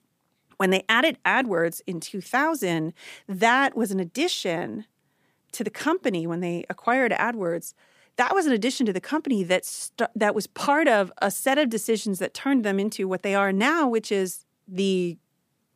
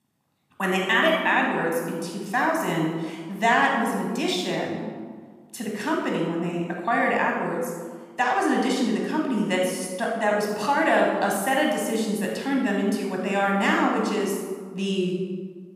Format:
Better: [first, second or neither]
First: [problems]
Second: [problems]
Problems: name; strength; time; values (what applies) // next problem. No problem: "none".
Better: first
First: none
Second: off-mic speech; somewhat distant // room echo; noticeable; dies away in 1.2 s